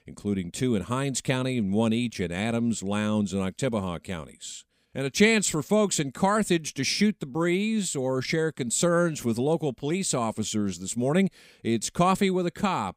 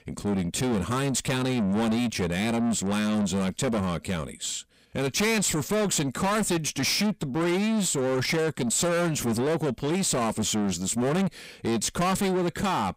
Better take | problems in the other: first | distortion; heavy; 6 dB below the speech

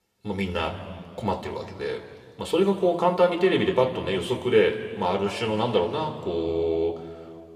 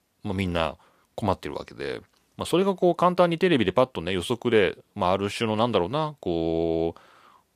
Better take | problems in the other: second | room echo; slight; dies away in 2.2 s

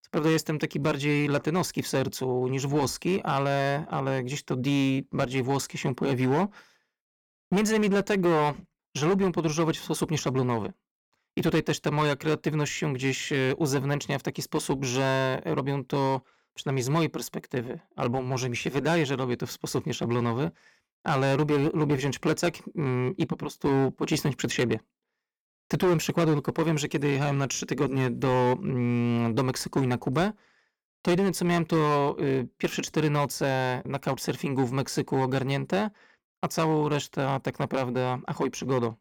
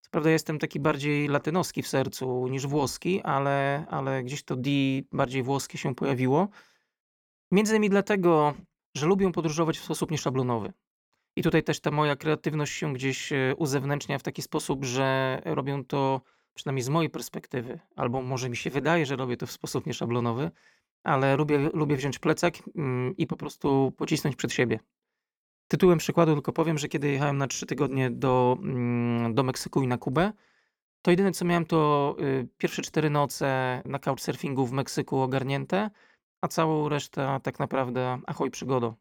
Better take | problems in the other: second | distortion; slight; 7% of the sound clipped

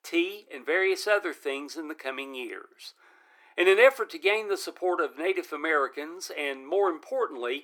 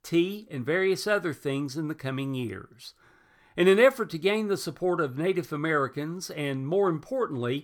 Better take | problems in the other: second | thin; very; fading below 350 Hz

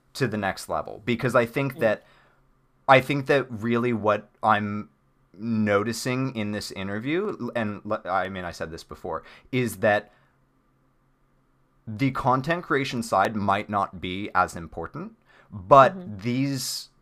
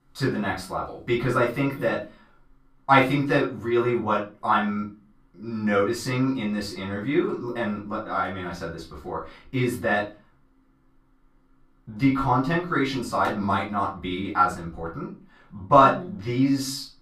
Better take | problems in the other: first | off-mic speech; far // room echo; slight; dies away in 0.3 s

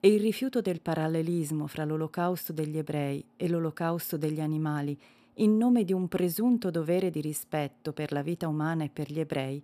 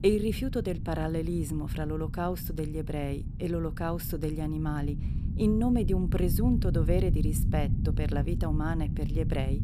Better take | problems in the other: first | low rumble; loud; throughout; 10 dB below the speech

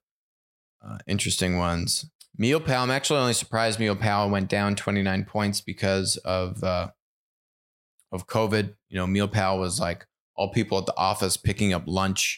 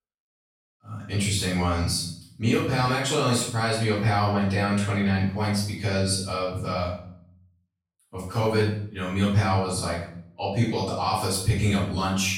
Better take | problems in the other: first | off-mic speech; far // room echo; noticeable; dies away in 0.5 s

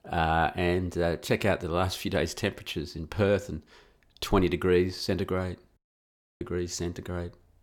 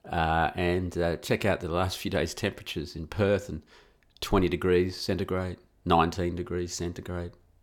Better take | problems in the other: second | audio cutting out; at 6 s for 0.5 s

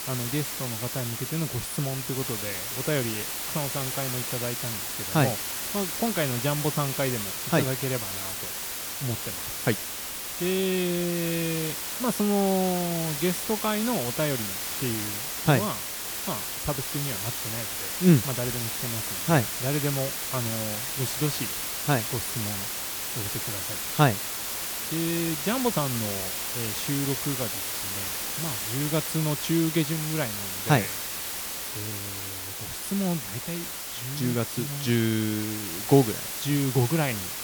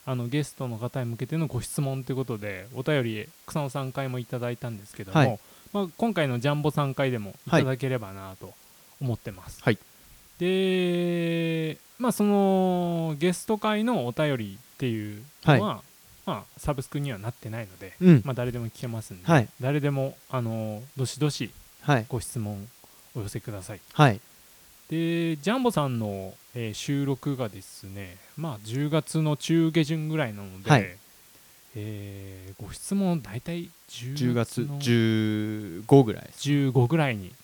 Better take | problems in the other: second | hiss; loud; throughout; 1 dB below the speech; faint in the second

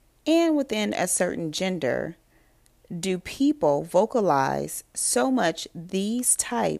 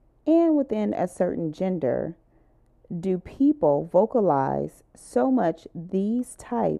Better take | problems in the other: first | muffled; very; fading above 1.5 kHz

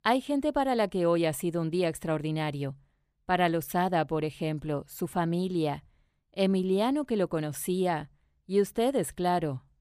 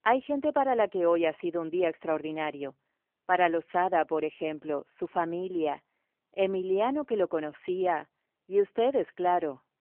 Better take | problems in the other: first | phone-call audio; nothing above 3 kHz

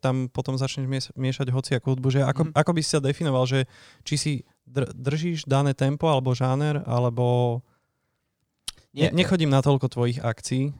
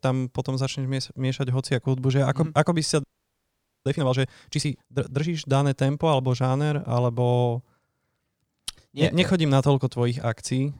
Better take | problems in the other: first | audio freezing; at 3 s for 1 s

